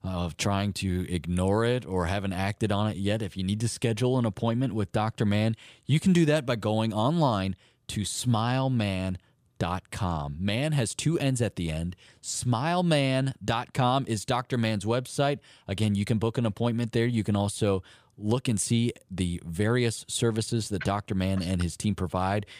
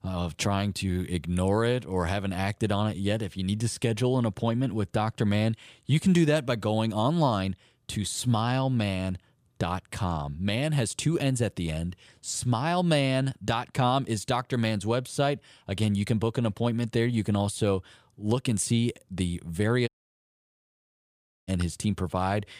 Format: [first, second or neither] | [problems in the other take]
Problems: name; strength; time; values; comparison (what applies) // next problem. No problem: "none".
first | audio cutting out; at 20 s for 1.5 s